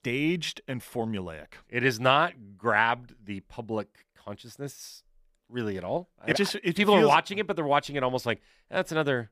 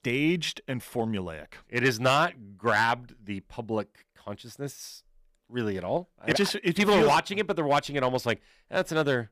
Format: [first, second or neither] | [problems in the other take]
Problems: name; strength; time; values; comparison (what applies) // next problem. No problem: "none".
first | distortion; slight; 2% of the sound clipped